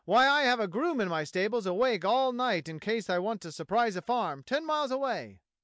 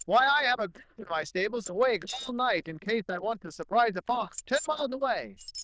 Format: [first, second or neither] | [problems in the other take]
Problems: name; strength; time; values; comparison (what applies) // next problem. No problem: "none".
first | noise reduction (neural diffusion model UNIVERSE++)